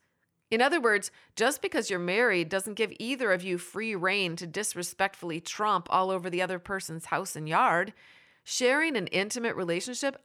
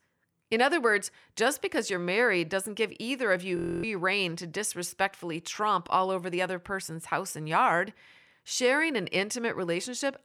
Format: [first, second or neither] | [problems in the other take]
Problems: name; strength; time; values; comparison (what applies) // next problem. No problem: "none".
first | audio freezing; at 3.5 s